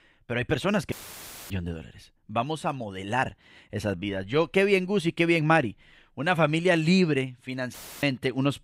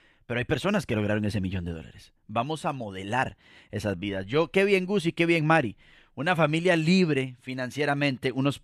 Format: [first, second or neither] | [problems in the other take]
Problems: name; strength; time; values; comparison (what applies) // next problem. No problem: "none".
second | audio cutting out; filled with static; at 1 s for 0.5 s and at 7.5 s